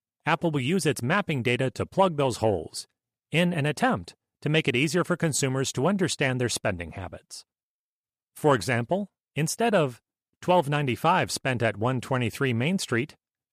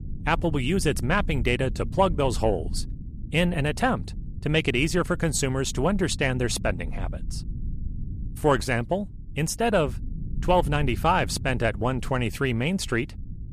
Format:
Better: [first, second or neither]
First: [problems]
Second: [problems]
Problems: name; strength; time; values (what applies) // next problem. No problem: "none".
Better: first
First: none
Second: low rumble; faint; throughout; 25 dB below the speech